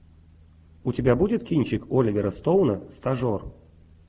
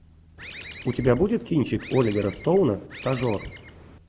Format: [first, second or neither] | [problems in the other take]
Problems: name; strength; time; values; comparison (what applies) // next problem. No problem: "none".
first | background sound (Bird); 17 dB below the speech